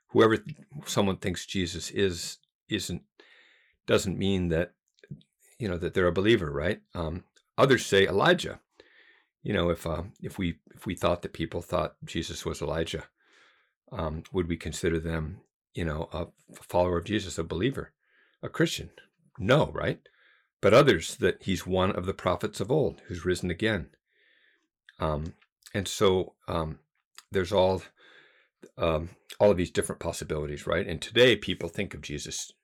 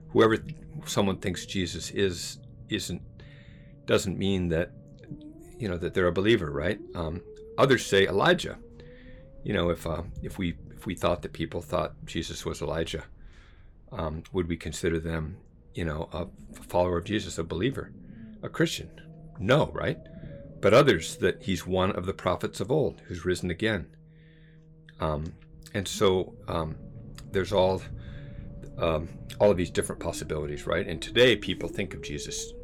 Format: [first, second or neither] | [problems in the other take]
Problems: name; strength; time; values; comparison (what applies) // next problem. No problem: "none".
first | low rumble; faint; throughout; 25 dB below the speech